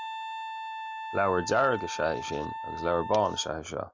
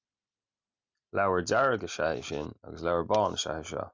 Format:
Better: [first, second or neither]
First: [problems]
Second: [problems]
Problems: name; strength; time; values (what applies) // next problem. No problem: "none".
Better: second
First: background sound (Wind instrument, woodwind instrument); 8 dB below the speech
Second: none